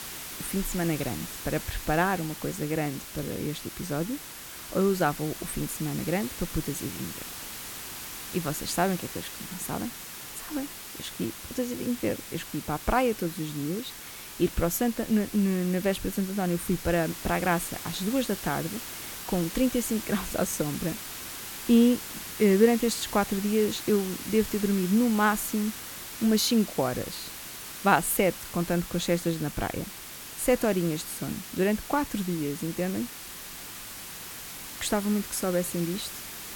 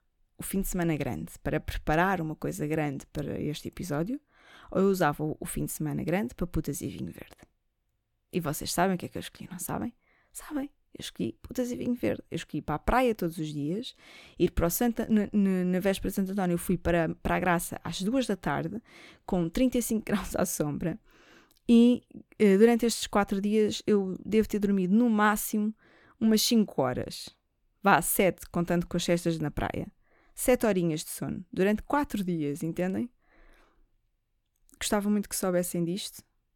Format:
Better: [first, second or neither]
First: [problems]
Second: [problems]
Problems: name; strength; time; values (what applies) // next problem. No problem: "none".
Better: second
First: hiss; loud; throughout; 9 dB below the speech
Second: none